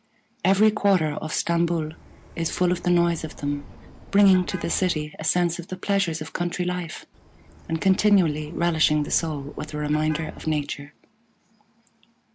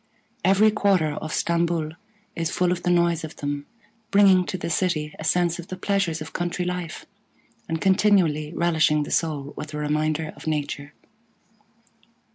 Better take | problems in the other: second | background sound (Car passing by); 18 dB below the speech

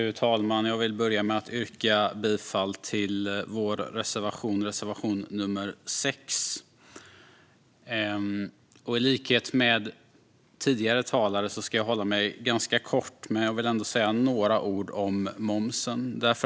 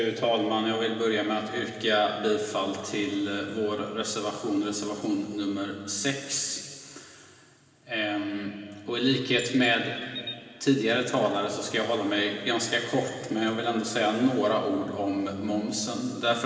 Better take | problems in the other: first | background sound (Chirp, tweet); 16 dB below the speech // room echo; dies away in 2.6 s

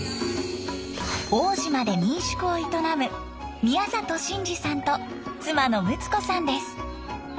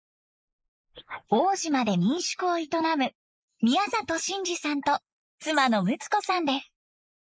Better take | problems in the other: first | noise reduction (neural mask model Resemble Enhance denoiser)

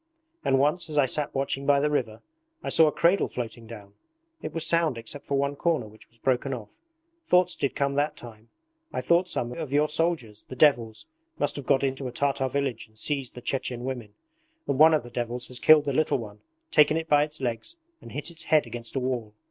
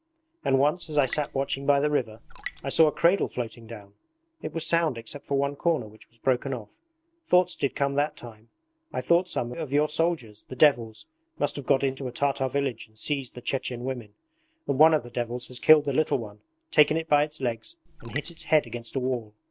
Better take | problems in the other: first | background sound (Raindrop); 15 dB below the speech

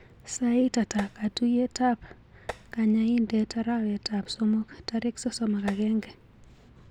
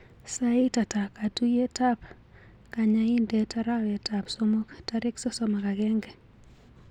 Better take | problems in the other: second | background sound (Tap); 16 dB below the speech

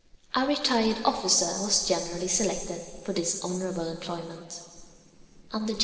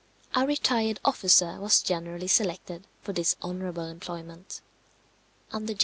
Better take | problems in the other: second | noise reduction (neural separator model SepFormer DNS4)

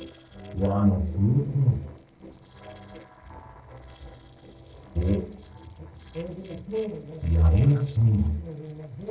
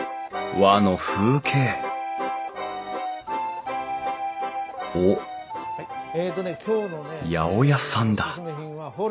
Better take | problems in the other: second | noise reduction (neural separator model SepFormer DNS4)

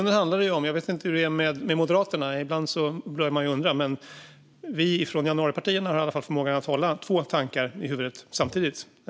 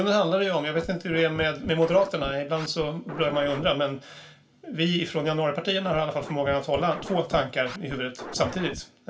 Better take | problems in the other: first | background sound (Scratching (performance technique)); 14 dB below the speech // room echo; dies away in 0.2 s

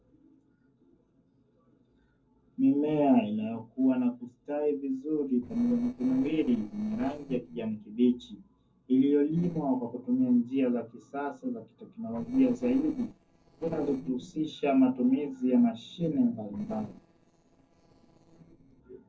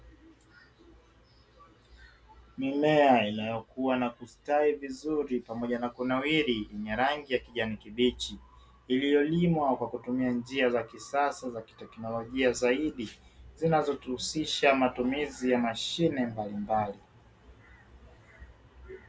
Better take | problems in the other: second | noise reduction (neural separator model SepFormer DNS4)

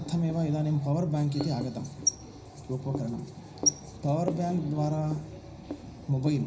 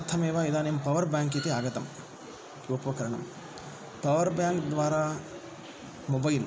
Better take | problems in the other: second | background sound (Writing); 7 dB below the speech // room echo; dies away in 0.4 s

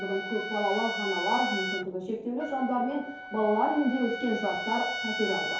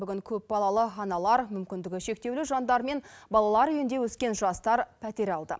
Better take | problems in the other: second | background sound (Trumpet); 6 dB below the speech // room echo; dies away in 2.4 s

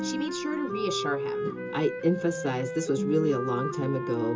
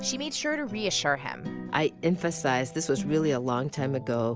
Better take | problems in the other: second | background sound (Wind instrument, woodwind instrument); 4 dB below the speech // room echo; dies away in 0.2 s

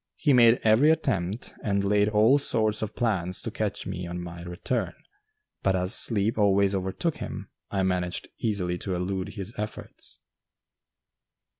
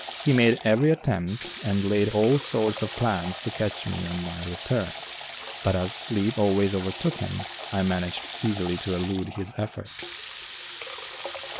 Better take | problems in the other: first | background sound (Water tap, faucet / Water); 12 dB below the speech

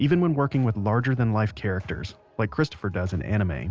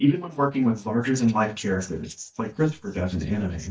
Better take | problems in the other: first | noise reduction (neural mask model DeepFilterNet 3)

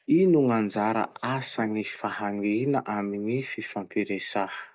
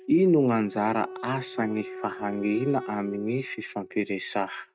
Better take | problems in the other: first | noise reduction (neural mask model RNNoise)

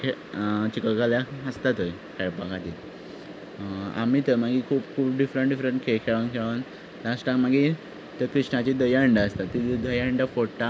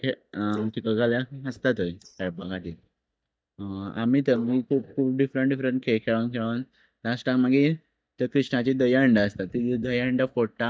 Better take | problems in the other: first | noise reduction (neural mask model DeepFilterNet 3)

